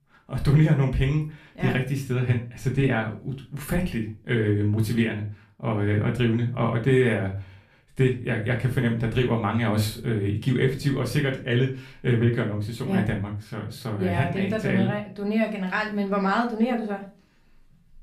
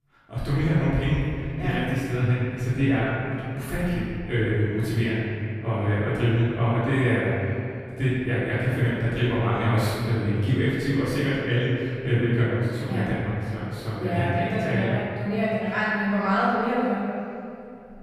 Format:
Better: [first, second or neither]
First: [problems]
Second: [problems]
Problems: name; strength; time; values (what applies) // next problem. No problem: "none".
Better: first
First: room echo; slight; dies away in 0.3 s // off-mic speech; somewhat distant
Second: room echo; strong; dies away in 2.5 s // off-mic speech; far